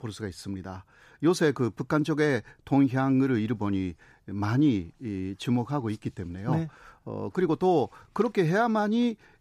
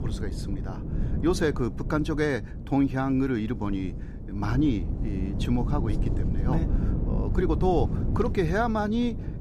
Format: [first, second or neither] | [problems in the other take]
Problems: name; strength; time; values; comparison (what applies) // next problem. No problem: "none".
first | wind noise on the microphone; occasional gusts; 10 dB below the speech